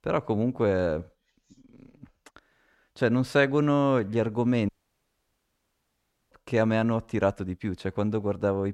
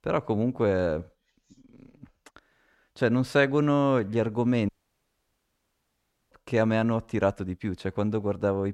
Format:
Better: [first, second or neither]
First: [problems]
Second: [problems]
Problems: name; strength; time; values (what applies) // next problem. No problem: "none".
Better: neither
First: audio cutting out; at 4.5 s for 1.5 s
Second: audio cutting out; at 4.5 s for 1.5 s